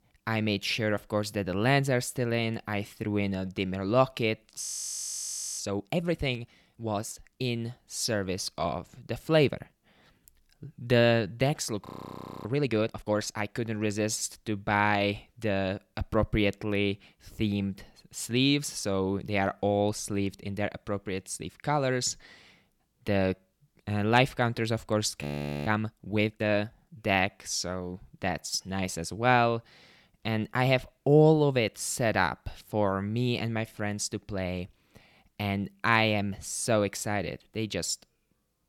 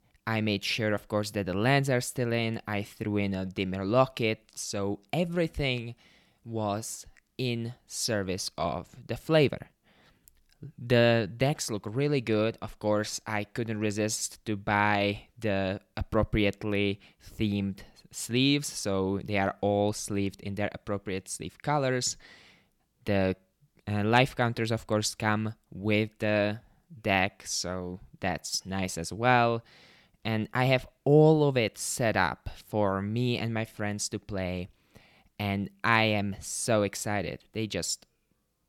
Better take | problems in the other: second | audio freezing; at 4.5 s for 1 s, at 12 s for 0.5 s and at 25 s

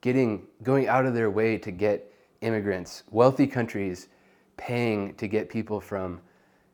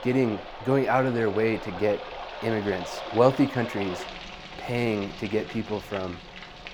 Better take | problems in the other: first | rain or running water; noticeable; throughout; 10 dB below the speech

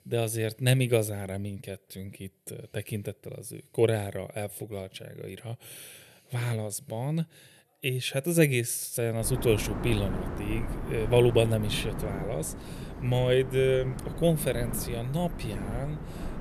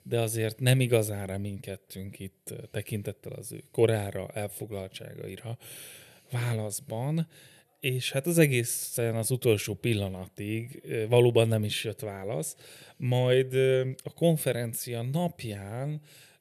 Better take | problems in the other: second | wind noise on the microphone; occasional gusts; from 9 s on; 10 dB below the speech

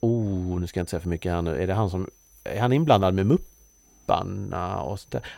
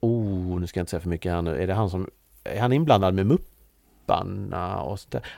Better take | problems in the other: second | high-pitched whine; faint; throughout; 6 kHz, 30 dB below the speech

